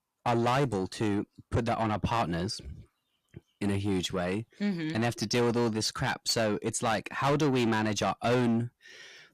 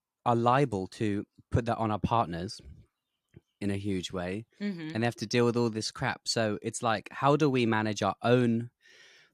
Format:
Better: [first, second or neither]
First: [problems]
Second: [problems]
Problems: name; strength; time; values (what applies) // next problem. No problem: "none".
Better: second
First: distortion; heavy; 7 dB below the speech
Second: none